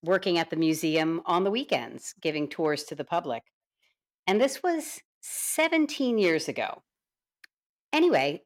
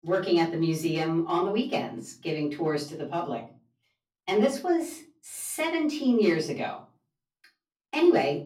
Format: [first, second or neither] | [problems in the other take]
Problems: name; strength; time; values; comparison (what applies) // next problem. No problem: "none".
first | off-mic speech; far // room echo; slight; dies away in 0.4 s